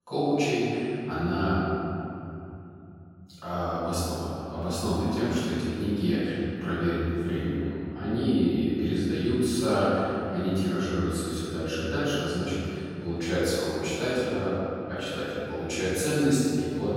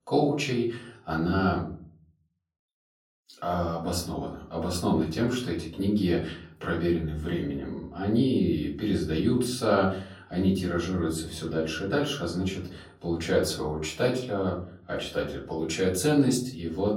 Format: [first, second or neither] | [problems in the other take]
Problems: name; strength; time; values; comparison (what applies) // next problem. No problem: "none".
second | room echo; strong; dies away in 3 s; slight in the second // off-mic speech; far; far in the second